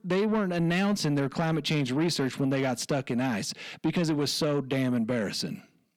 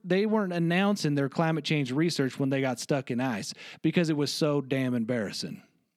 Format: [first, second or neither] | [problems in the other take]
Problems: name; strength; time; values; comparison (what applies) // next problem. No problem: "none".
second | distortion; slight; 10 dB below the speech